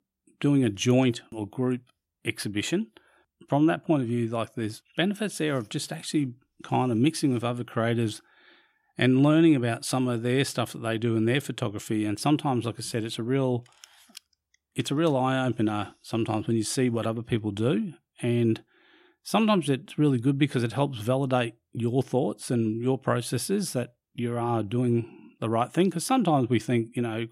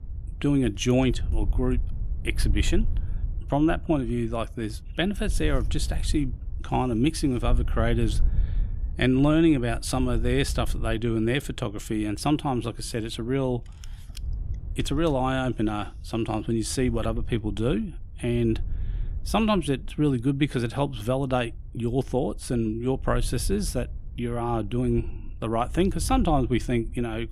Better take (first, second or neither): first